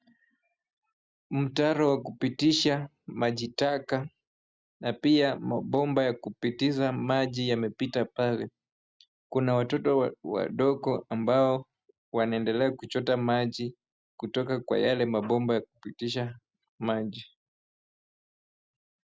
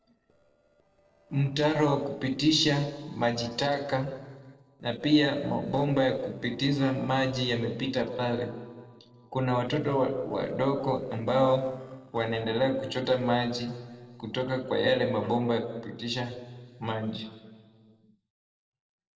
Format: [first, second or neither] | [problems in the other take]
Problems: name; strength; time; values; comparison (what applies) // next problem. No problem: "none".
first | noise reduction (neural separator model SepFormer DNS4)